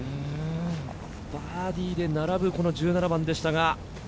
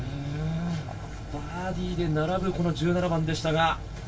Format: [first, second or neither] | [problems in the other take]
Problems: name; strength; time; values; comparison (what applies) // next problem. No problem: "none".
first | room echo; dies away in 0.1 s